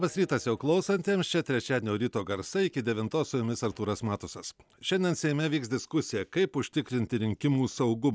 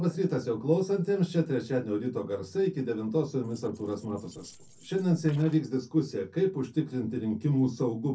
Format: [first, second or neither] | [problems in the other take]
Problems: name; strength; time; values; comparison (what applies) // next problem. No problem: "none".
first | noise reduction (neural separator model SepFormer DNS4)